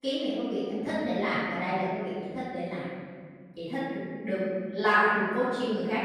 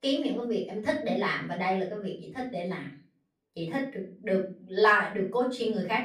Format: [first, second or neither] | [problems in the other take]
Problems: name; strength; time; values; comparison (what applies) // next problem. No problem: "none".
second | room echo; strong; dies away in 2.1 s; slight in the second // off-mic speech; far; far in the second